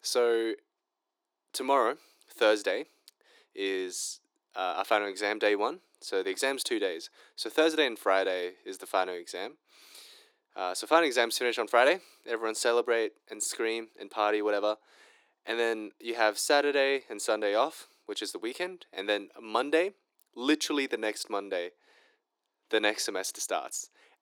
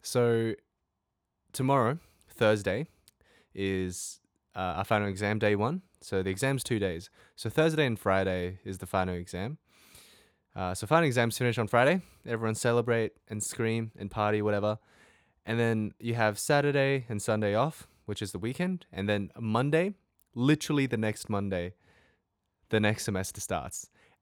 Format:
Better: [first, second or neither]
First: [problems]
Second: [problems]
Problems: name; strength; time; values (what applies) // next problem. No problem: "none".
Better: second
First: thin; somewhat; fading below 300 Hz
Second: none